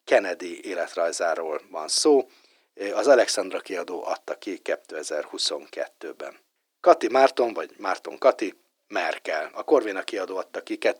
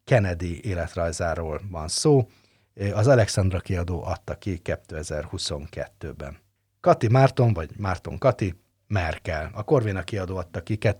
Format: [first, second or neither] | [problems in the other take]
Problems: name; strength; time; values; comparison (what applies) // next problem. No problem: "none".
second | thin; very; fading below 300 Hz